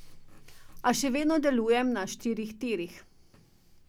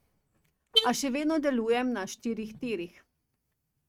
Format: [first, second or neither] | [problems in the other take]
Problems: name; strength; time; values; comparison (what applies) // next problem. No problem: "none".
first | noise reduction (neural mask model RNNoise)